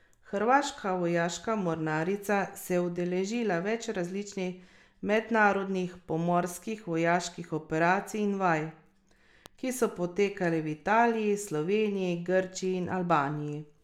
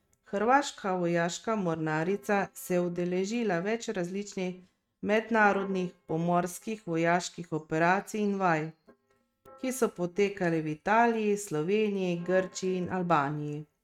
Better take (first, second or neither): first